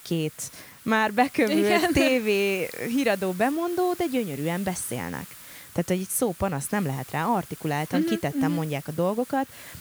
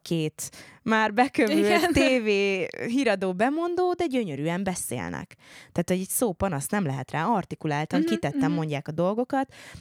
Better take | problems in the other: second | hiss; noticeable; throughout; 15 dB below the speech

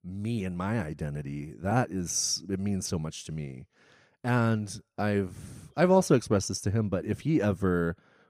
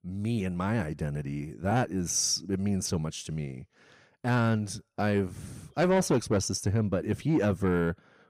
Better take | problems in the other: first | distortion; slight; 10 dB below the speech

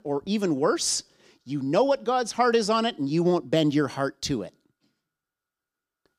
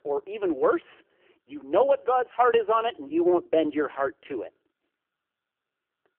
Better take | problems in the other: first | phone-call audio; poor line; nothing above 3 kHz

